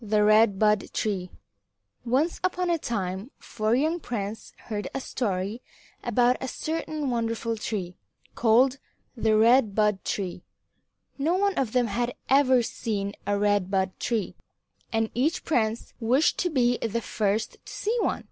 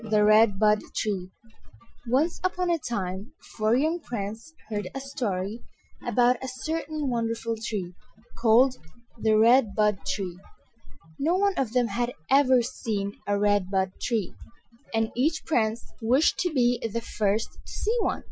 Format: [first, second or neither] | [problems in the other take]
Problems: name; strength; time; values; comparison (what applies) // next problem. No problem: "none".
first | noise reduction (classical method Wiener filter)